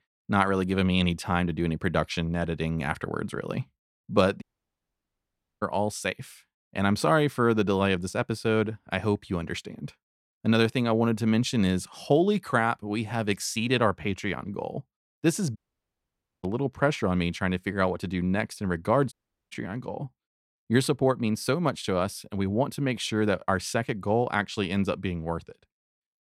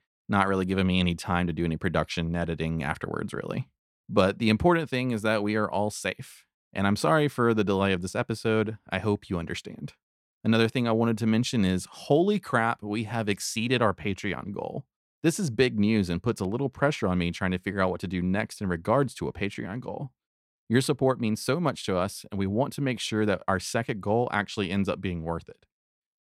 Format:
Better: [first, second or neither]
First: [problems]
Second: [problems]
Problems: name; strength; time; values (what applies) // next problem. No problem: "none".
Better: second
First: audio cutting out; at 4.5 s for 1 s, at 16 s for 1 s and at 19 s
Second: none